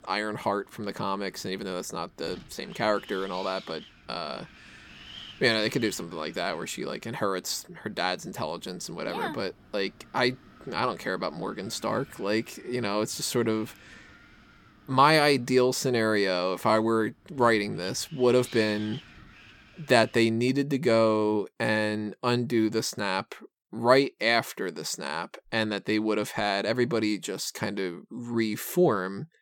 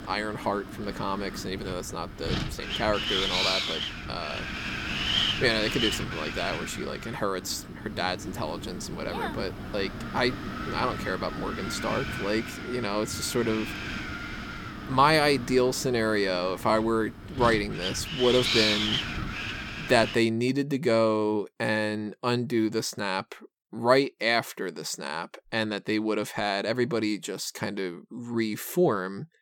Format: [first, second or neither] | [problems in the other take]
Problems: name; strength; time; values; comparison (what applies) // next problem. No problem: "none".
first | wind noise on the microphone; heavy; until 20 s; 2 dB below the speech; occasional gusts in the first